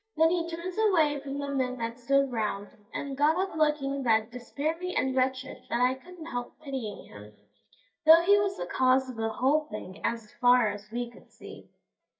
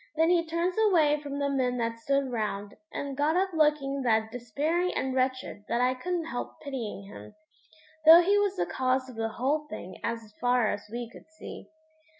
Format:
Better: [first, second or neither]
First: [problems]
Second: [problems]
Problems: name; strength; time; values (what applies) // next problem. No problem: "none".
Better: second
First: noise reduction (neural mask model DeepFilterNet 3)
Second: none